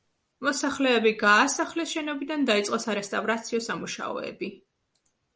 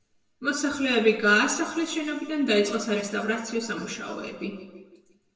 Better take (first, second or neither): first